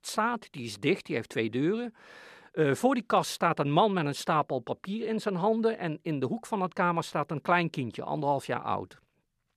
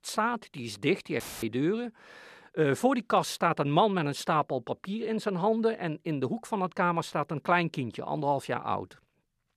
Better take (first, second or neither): first